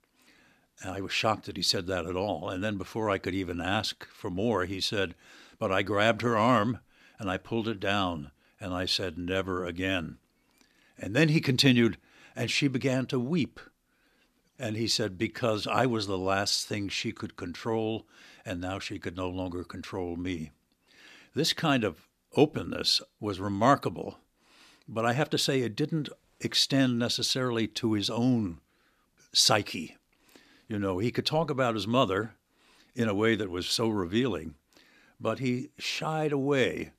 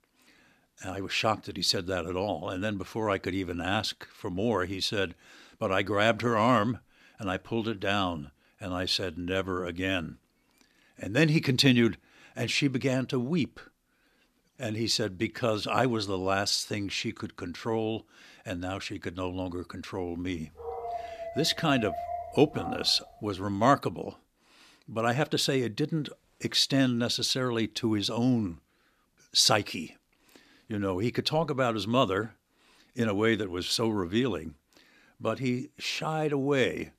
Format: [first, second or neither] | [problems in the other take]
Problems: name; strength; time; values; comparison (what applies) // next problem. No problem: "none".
first | dog barking; noticeable; from 21 to 23 s; peak 7 dB below the speech